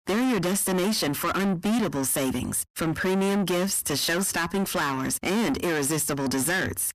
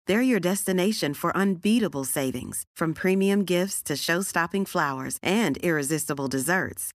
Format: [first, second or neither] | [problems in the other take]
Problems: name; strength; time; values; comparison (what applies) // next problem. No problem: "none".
second | distortion; heavy; 6 dB below the speech